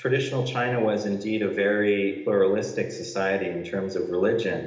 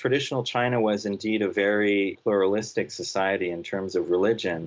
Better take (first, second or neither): second